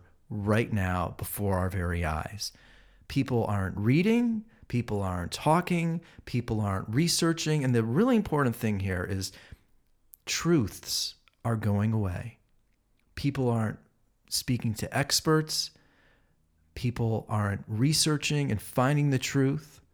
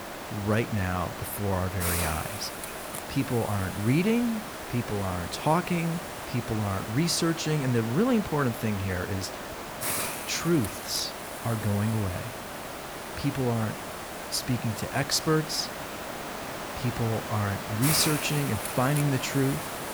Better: first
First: none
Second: hiss; loud; throughout; 6 dB below the speech

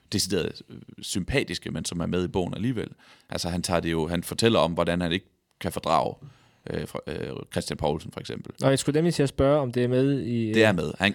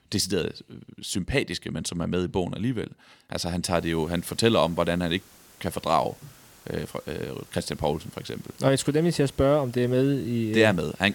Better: first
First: none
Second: hiss; faint; from 4 s on; 25 dB below the speech

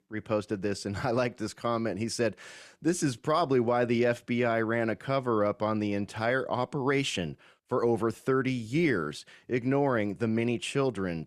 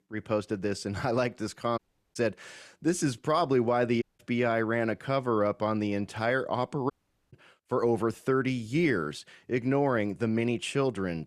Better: first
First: none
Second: audio cutting out; at 2 s, at 4 s and at 7 s

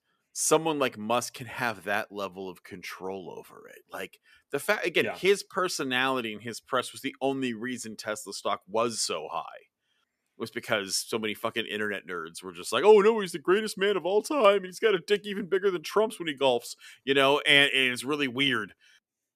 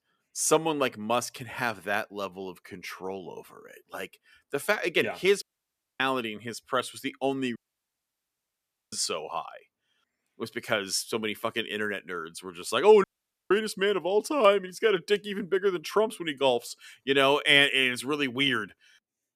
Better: first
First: none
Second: audio cutting out; at 5.5 s for 0.5 s, at 7.5 s for 1.5 s and at 13 s

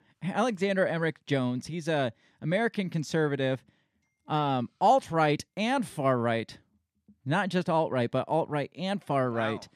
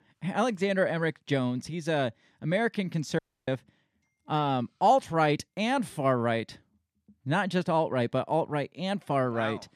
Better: first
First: none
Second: audio cutting out; at 3 s

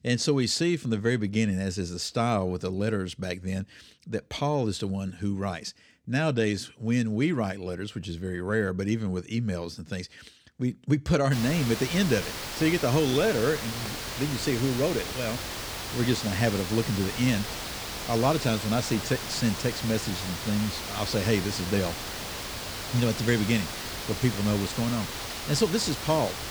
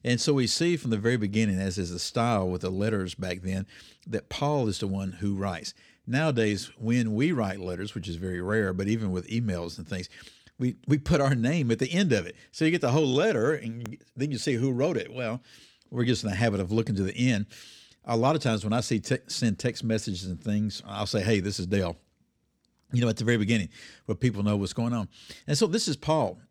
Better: second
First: hiss; loud; from 11 s on; 6 dB below the speech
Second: none

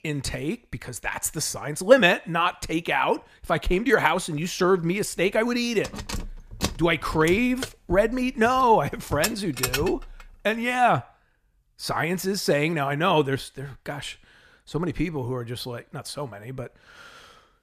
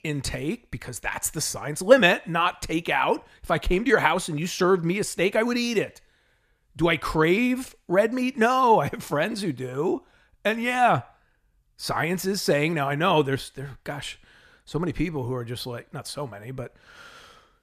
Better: second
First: jangling keys; noticeable; from 5 to 10 s; peak 3 dB below the speech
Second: none

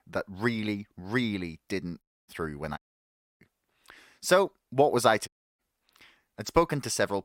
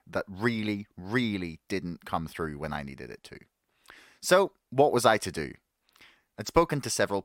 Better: second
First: audio cutting out; at 2 s, at 3 s for 0.5 s and at 5.5 s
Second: none

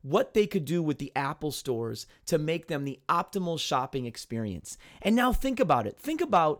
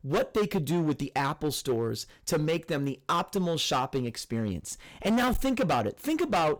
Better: first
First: none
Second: distortion; heavy; 12% of the sound clipped

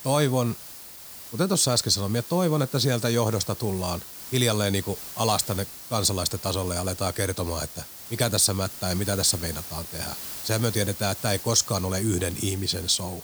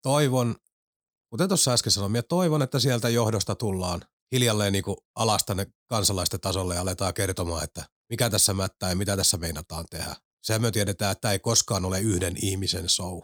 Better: second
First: hiss; noticeable; throughout; 10 dB below the speech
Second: none

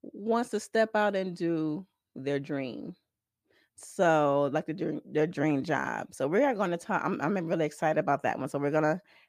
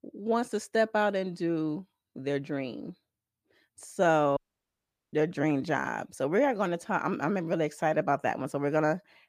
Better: first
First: none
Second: audio cutting out; at 4.5 s for 1 s

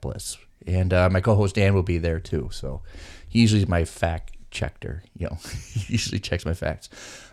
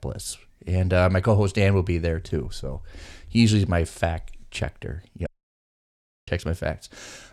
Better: first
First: none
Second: audio cutting out; at 5.5 s for 1 s

